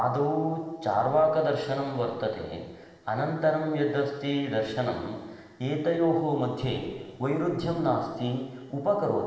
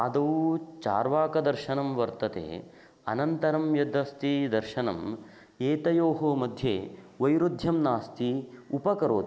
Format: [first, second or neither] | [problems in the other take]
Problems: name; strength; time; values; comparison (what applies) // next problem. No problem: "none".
second | room echo; dies away in 1.2 s